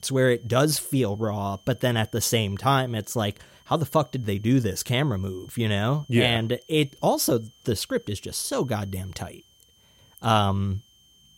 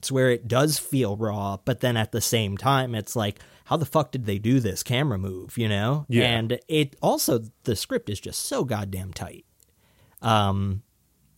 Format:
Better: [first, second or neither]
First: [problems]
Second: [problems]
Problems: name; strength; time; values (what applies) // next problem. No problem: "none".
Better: second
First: high-pitched whine; faint; throughout; 3 kHz, 30 dB below the speech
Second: none